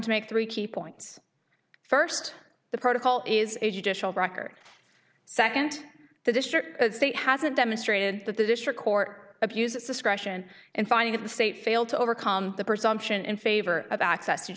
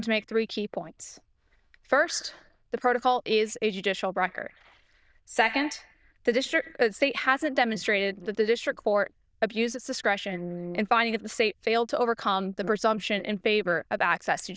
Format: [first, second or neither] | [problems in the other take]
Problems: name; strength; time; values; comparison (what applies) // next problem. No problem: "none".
first | noise reduction (neural diffusion model UNIVERSE++)